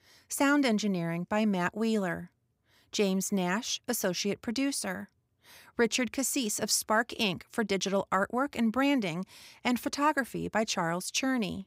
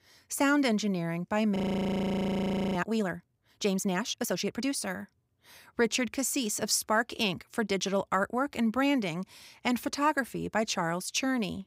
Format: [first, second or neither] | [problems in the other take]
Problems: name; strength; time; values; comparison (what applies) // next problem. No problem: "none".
first | audio freezing; at 1.5 s for 1 s